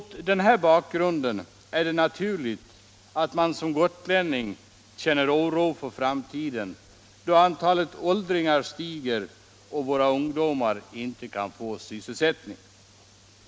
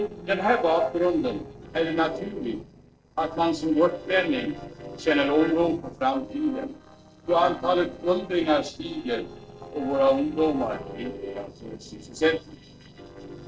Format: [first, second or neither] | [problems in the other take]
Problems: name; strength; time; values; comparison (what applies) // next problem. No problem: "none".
first | noise reduction (neural separator model SepFormer DNS4)